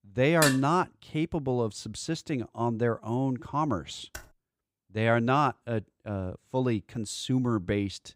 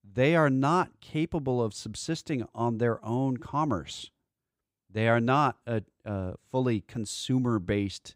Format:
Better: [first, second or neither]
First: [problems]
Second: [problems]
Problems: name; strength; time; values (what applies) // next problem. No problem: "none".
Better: second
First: clattering dishes; loud; at 0.5 s; peak 1 dB above the speech // keyboard typing; faint; at 4 s; peak 15 dB below the speech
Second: none